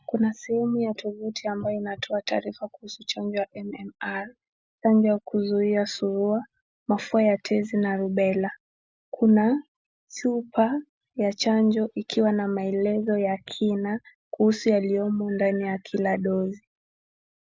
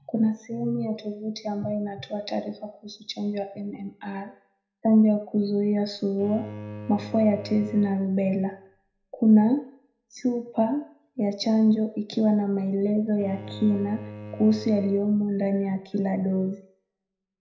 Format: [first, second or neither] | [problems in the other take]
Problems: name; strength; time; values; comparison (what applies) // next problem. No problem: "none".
first | background sound (Bowed string instrument); 16 dB below the speech // room echo; dies away in 0.4 s